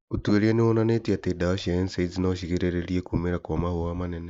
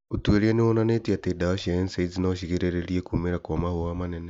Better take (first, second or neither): second